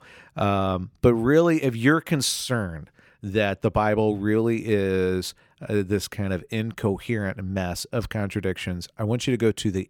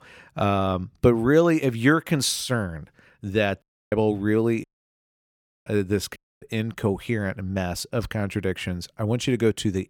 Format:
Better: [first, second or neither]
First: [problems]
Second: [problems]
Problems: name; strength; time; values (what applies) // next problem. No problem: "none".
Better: first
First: none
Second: audio cutting out; at 3.5 s, at 4.5 s for 1 s and at 6 s